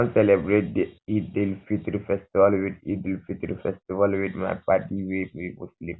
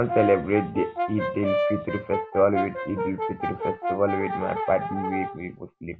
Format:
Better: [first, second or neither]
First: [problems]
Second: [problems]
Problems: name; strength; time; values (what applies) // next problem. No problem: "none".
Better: first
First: none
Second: background sound (Brass instrument); 3 dB below the speech